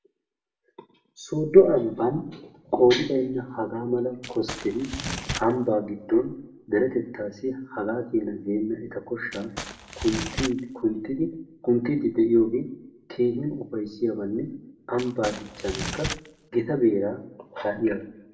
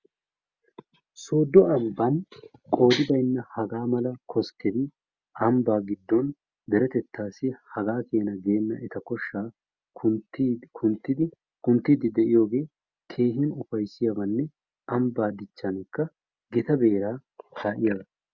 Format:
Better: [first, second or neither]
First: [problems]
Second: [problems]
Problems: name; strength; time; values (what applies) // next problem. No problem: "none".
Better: second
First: background sound (Crumpling, crinkling); 8 dB below the speech // room echo; dies away in 0.5 s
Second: none